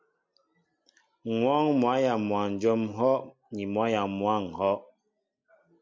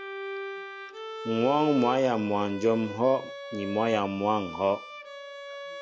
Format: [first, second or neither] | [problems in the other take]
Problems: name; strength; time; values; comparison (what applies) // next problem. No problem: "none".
first | background sound (Bowed string instrument); 10 dB below the speech